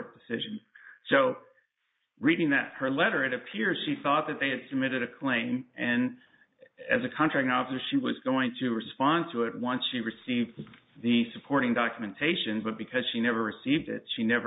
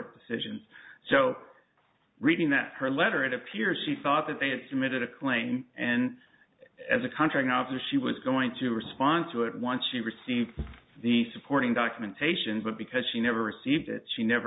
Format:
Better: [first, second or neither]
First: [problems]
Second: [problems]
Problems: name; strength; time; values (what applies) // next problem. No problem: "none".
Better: second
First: noise reduction (neural mask model Resemble Enhance denoiser)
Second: none